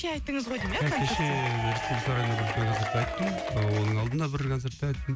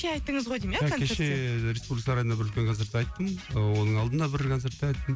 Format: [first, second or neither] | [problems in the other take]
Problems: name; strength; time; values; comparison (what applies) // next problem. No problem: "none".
second | background sound (Applause / Crowd / Cheering); 4 dB below the speech